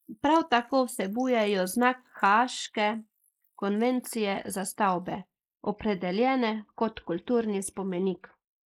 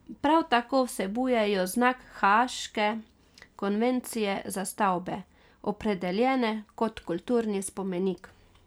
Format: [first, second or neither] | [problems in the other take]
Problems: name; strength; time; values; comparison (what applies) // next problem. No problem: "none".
second | noise reduction (neural mask model Resemble Enhance denoiser)